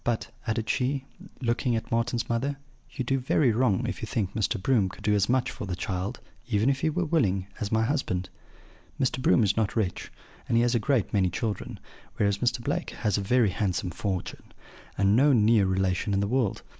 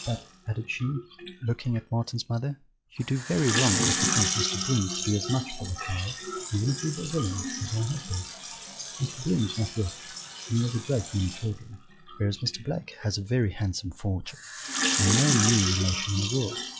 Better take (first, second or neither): first